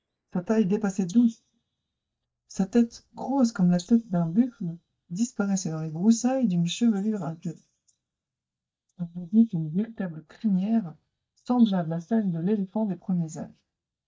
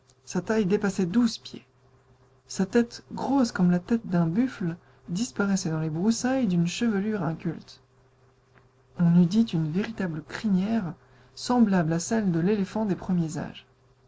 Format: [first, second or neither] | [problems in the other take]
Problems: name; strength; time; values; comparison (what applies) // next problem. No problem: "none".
second | noise reduction (neural mask model DeepFilterNet 3)